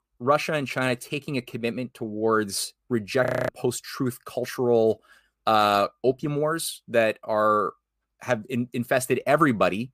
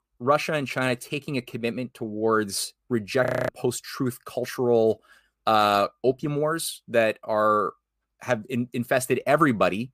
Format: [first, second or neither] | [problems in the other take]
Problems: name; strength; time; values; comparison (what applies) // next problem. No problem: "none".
neither | audio freezing; at 3.5 s; the same in both